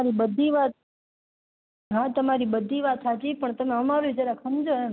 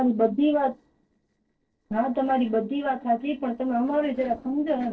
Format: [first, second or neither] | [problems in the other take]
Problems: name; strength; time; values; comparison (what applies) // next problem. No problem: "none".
first | noise reduction (neural separator model SepFormer DNS4)